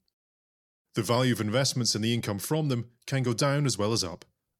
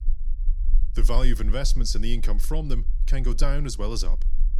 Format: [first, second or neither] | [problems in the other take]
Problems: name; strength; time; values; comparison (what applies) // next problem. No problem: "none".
first | low rumble; faint; throughout; 20 dB below the speech